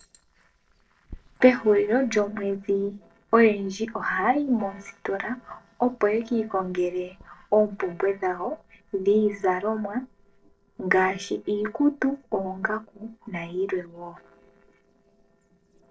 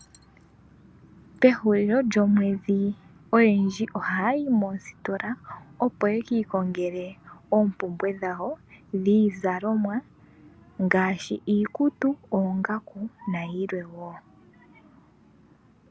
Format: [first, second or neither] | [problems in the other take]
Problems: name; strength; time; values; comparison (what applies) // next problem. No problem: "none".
second | noise reduction (neural separator model SepFormer DNS4)